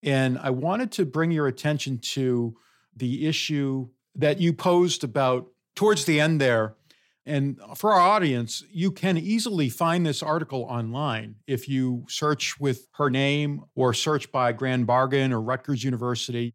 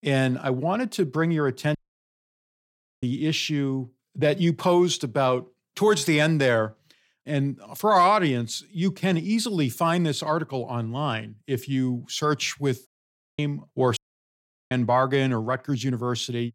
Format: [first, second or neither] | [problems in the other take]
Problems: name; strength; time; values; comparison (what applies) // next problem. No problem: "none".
first | audio cutting out; at 2 s for 1.5 s, at 13 s for 0.5 s and at 14 s for 0.5 s